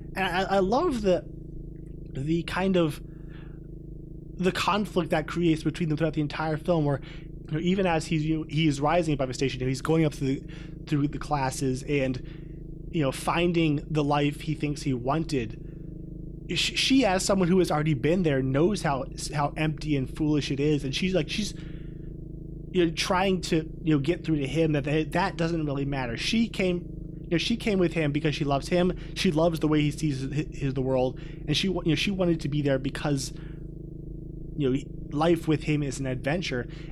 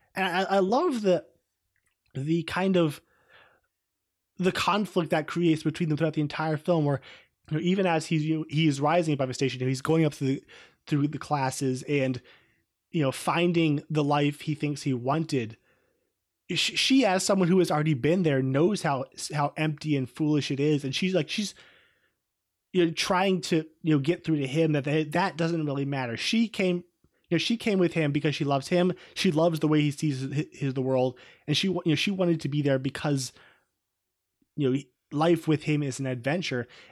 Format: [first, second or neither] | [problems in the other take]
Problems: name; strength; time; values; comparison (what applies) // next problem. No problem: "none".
second | low rumble; faint; throughout; 20 dB below the speech